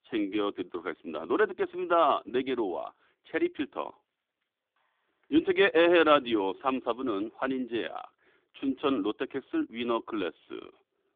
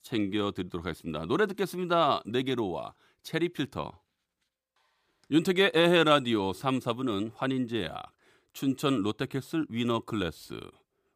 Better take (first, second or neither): second